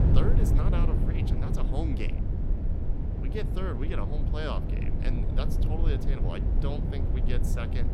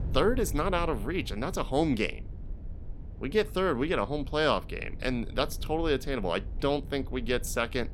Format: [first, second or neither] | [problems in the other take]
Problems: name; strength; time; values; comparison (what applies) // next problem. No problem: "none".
second | low rumble; loud; throughout; 2 dB below the speech; faint in the second